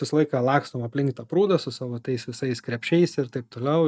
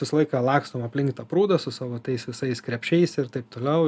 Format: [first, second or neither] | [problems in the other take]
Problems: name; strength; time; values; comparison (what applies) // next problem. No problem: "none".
second | noise reduction (neural mask model DeepFilterNet 3)